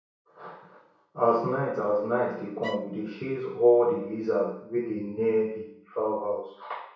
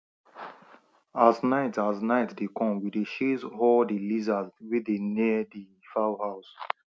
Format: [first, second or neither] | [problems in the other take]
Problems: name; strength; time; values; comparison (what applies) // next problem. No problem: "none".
second | background sound (Bowed string instrument); 16 dB below the speech // room echo; dies away in 0.6 s